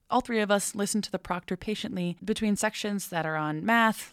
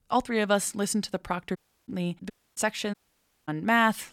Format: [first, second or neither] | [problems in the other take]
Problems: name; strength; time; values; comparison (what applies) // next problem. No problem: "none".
first | audio cutting out; at 1.5 s, at 2.5 s and at 3 s for 0.5 s